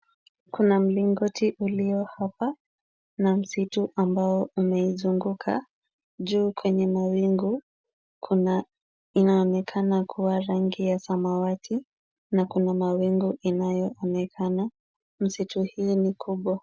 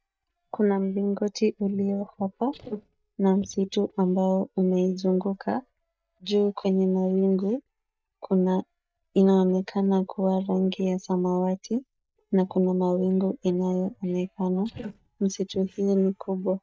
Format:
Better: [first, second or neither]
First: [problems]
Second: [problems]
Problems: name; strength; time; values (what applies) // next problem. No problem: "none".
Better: first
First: none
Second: noise reduction (neural mask model DeepFilterNet 3)